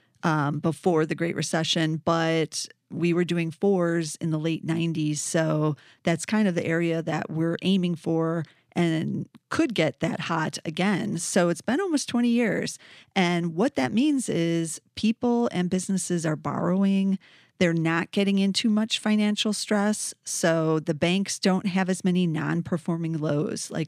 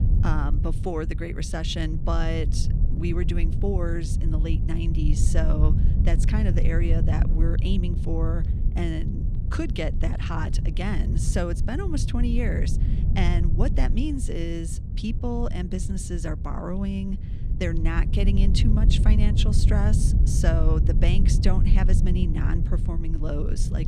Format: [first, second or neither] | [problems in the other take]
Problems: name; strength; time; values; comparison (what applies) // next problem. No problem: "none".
first | low rumble; loud; throughout; 7 dB below the speech